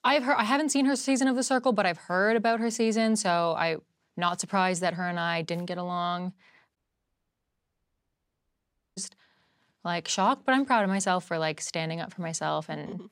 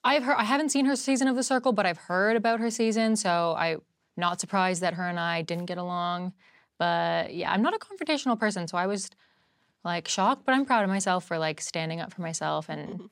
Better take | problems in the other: second | audio cutting out; at 7 s for 2 s

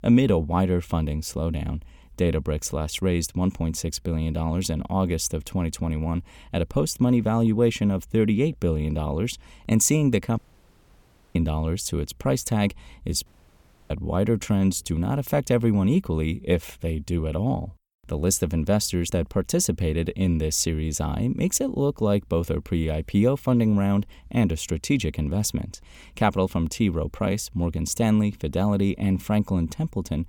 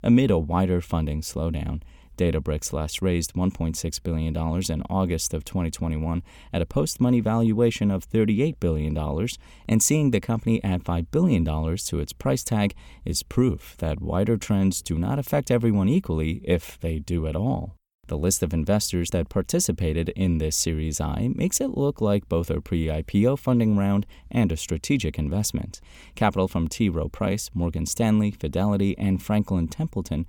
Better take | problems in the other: second | audio cutting out; at 10 s for 1 s and at 13 s for 0.5 s

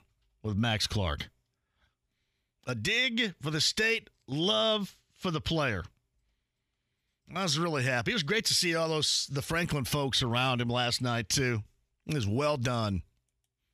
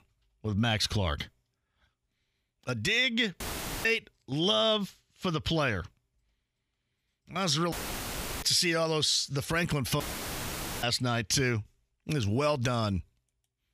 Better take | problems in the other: first | audio cutting out; filled with static; at 3.5 s, at 7.5 s for 0.5 s and at 10 s for 1 s

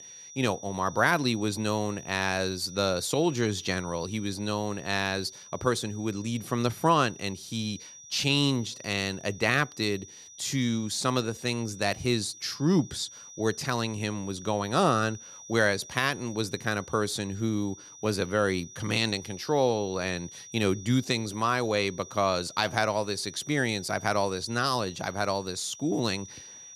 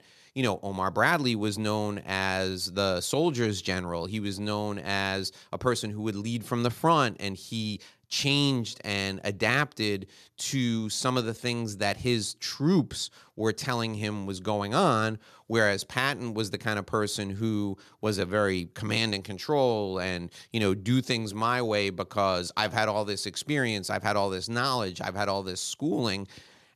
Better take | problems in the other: second | high-pitched whine; noticeable; throughout; 6 kHz, 15 dB below the speech

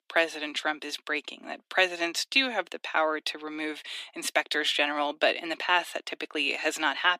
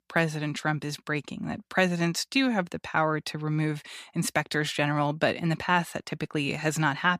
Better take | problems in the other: second | thin; somewhat; fading below 300 Hz

